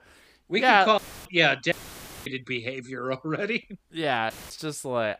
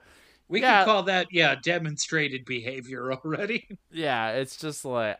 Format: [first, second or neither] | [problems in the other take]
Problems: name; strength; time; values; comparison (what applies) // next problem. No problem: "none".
second | audio cutting out; filled with static; at 1 s, at 1.5 s for 0.5 s and at 4.5 s